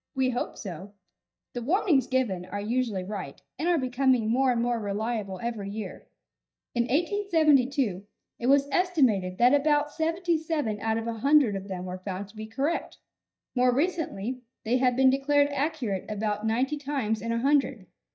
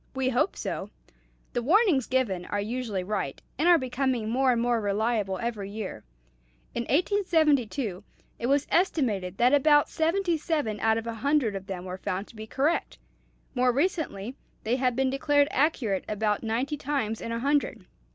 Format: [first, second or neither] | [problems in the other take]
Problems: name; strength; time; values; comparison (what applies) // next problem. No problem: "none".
second | noise reduction (neural mask model DeepFilterNet 3)